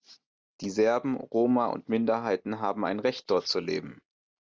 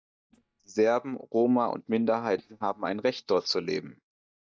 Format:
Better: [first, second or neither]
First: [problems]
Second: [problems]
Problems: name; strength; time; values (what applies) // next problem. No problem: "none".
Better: first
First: none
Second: noise reduction (neural mask model DeepFilterNet 3)